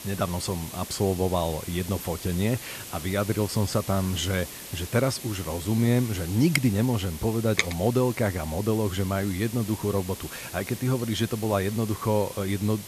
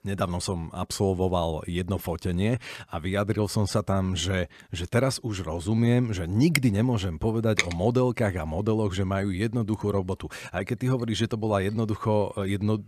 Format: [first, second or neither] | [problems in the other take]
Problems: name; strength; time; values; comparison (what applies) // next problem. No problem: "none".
second | hiss; noticeable; throughout; 10 dB below the speech